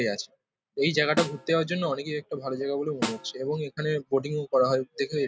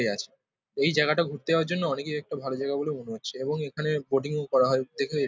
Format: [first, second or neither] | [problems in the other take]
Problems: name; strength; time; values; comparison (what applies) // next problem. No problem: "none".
second | background sound (Snare drum); 10 dB below the speech